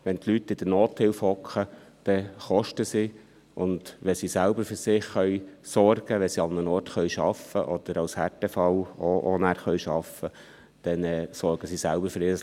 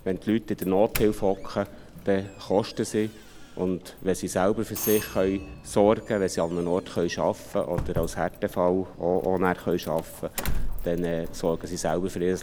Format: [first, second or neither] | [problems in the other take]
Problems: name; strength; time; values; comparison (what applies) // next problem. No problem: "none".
first | background sound (Doorbell); 9 dB below the speech